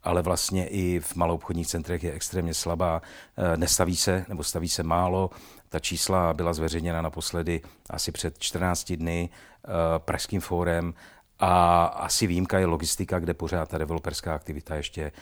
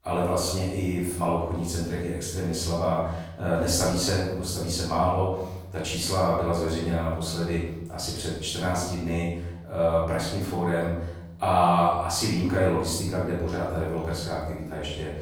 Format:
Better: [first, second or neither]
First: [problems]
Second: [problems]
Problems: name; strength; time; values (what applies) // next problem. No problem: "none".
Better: first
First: none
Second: off-mic speech; far // room echo; noticeable; dies away in 0.8 s